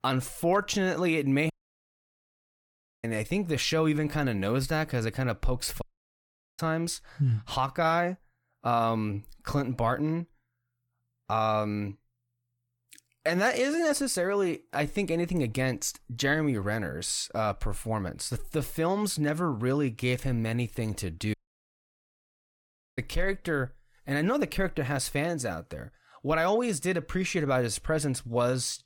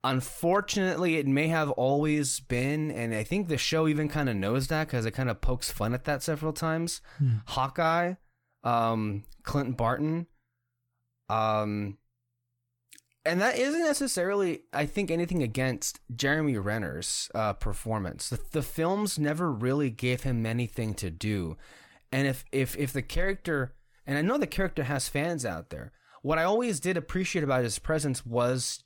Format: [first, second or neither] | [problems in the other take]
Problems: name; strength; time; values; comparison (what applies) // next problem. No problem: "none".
second | audio cutting out; at 1.5 s for 1.5 s, at 6 s for 1 s and at 21 s for 1.5 s